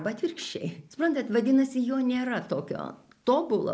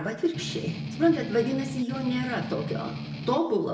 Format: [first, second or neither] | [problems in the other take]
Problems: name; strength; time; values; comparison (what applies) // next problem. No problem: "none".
first | background sound (Strum); 7 dB below the speech // room echo; dies away in 0.8 s